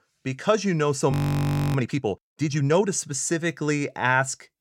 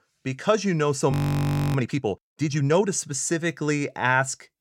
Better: neither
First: audio freezing; at 1 s for 0.5 s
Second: audio freezing; at 1 s for 0.5 s

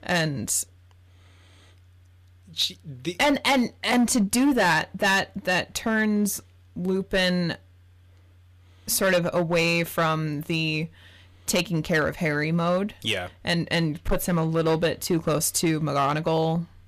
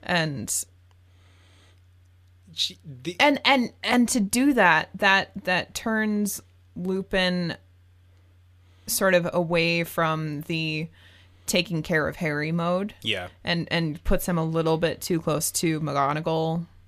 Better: second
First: distortion; slight; 5% of the sound clipped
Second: none

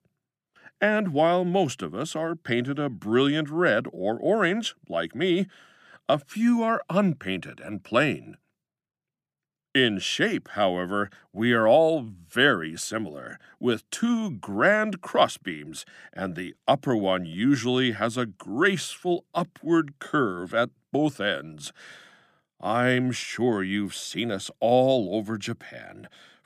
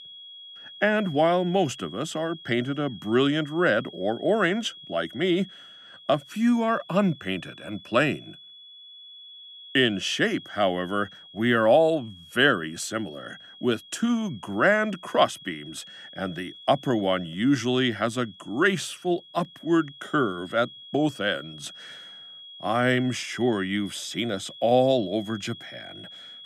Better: first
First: none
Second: high-pitched whine; noticeable; throughout; 3.5 kHz, 20 dB below the speech

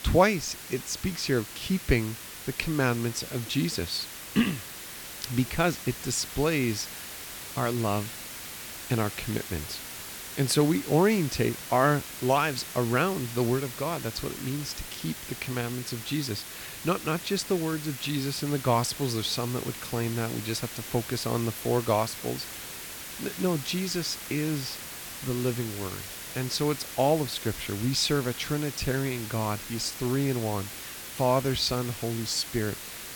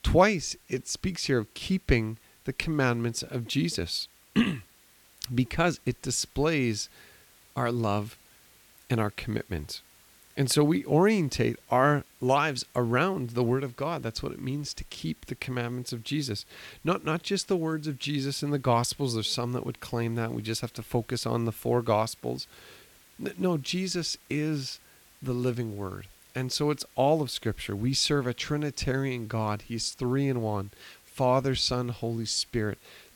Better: second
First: hiss; loud; throughout; 9 dB below the speech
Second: hiss; faint; throughout; 25 dB below the speech

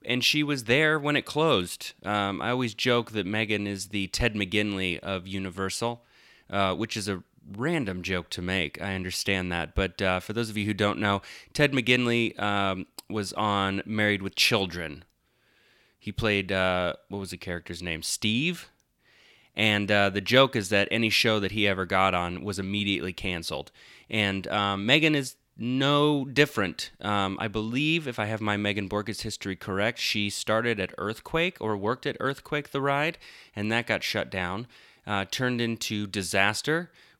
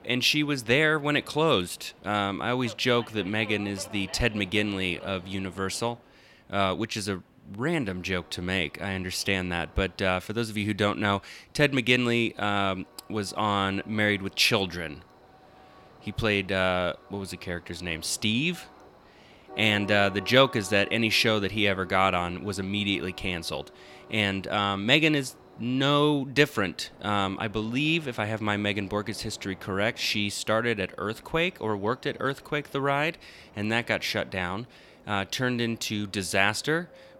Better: first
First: none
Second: train or aircraft noise; faint; throughout; 25 dB below the speech

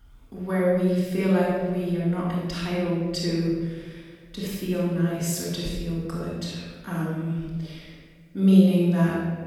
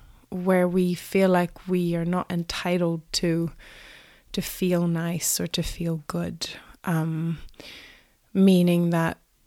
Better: second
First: off-mic speech; far // room echo; strong; dies away in 1.4 s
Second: none

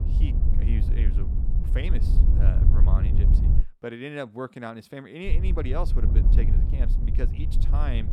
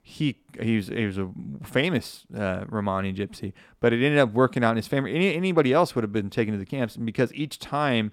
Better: second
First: wind noise on the microphone; heavy; until 3.5 s and from 5.5 s on; 4 dB below the speech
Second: none

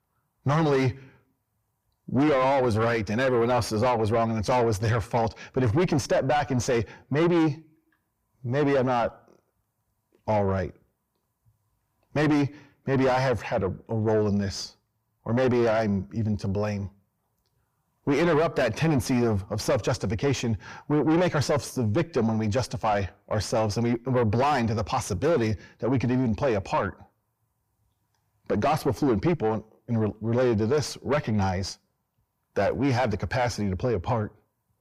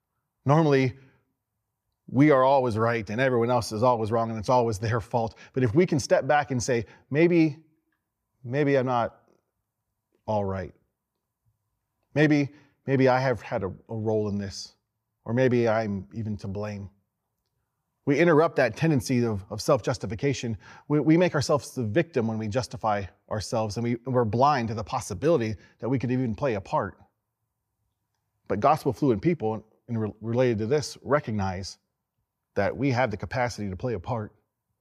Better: second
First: distortion; heavy; 5 dB below the speech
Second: none

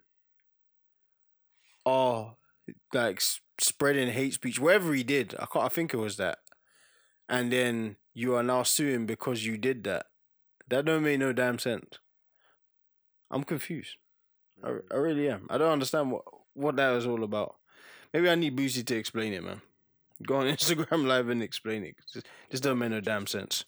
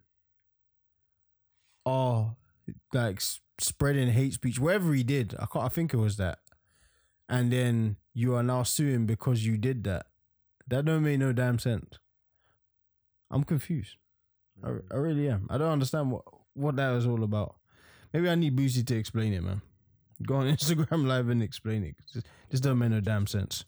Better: second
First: thin; somewhat; fading below 350 Hz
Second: none

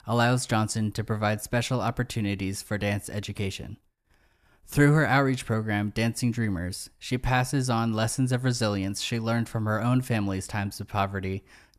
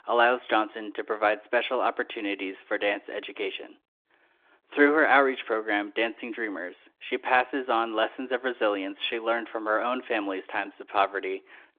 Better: first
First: none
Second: phone-call audio; nothing above 3.5 kHz

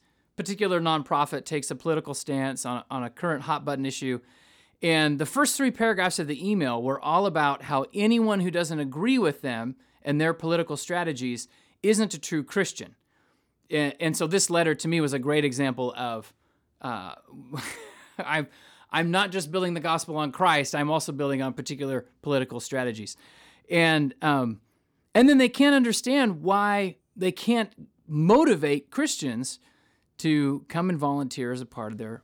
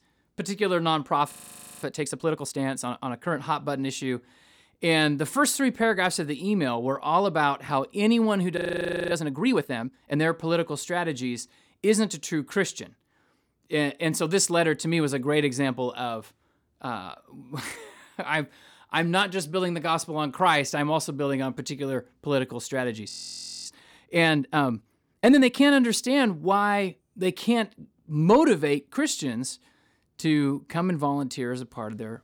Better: first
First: none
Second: audio freezing; at 1.5 s for 0.5 s, at 8.5 s for 0.5 s and at 23 s for 0.5 s

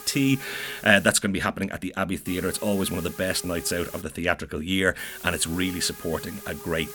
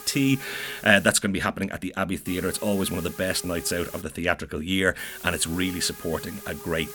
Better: neither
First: hiss; noticeable; until 1 s, from 2.5 to 4 s and from 5 s on; 15 dB below the speech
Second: hiss; noticeable; until 1 s, from 2.5 to 4 s and from 5 s on; 15 dB below the speech

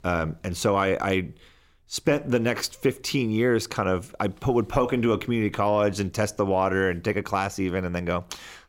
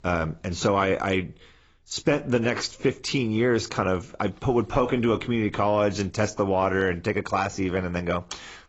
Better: first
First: none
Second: garbled, watery; badly; nothing above 7.5 kHz

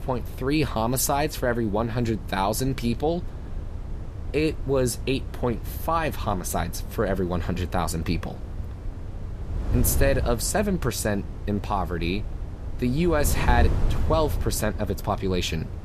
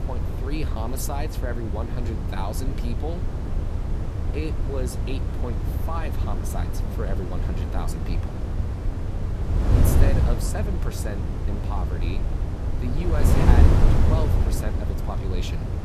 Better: first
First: wind noise on the microphone; occasional gusts; 15 dB below the speech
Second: wind noise on the microphone; heavy; as loud as the speech

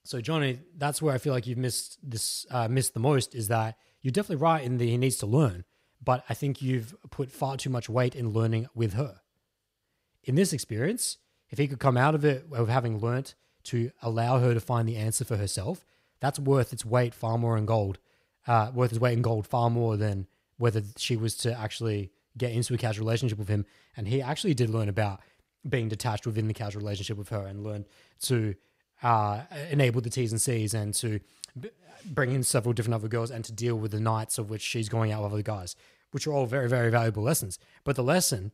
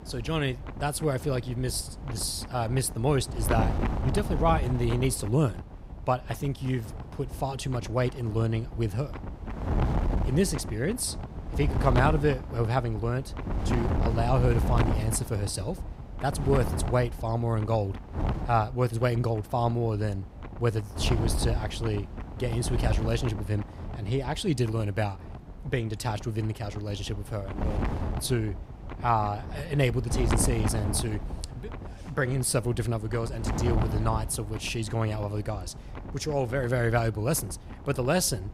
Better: first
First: none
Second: wind noise on the microphone; heavy; 9 dB below the speech

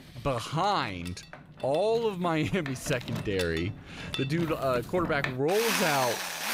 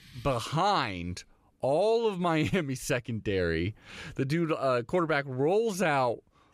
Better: second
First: machinery noise; loud; throughout; 5 dB below the speech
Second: none

